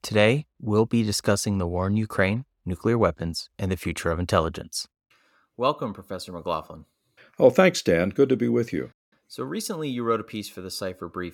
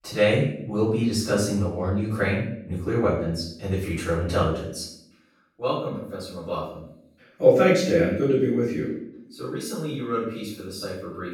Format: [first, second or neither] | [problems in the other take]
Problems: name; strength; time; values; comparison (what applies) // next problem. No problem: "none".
first | off-mic speech; far // room echo; noticeable; dies away in 0.6 s